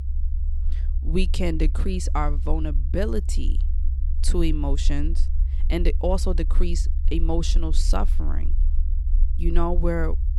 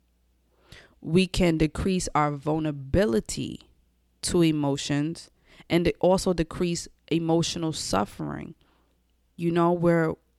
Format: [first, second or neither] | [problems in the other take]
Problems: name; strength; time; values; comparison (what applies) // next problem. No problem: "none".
second | low rumble; noticeable; throughout; 15 dB below the speech